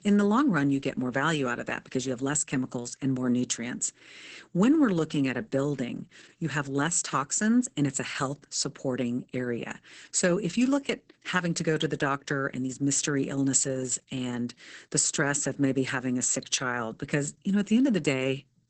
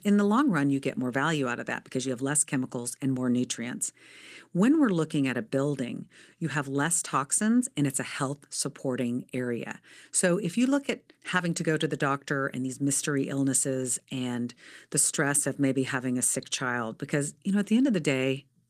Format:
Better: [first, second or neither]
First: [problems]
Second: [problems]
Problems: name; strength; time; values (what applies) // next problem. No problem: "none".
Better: second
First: garbled, watery; badly; nothing above 8 kHz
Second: garbled, watery; slightly; nothing above 15 kHz